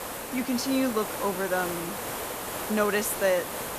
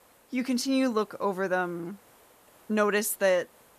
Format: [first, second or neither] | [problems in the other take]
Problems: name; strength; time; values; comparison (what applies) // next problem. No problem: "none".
second | hiss; loud; throughout; 5 dB below the speech; faint in the second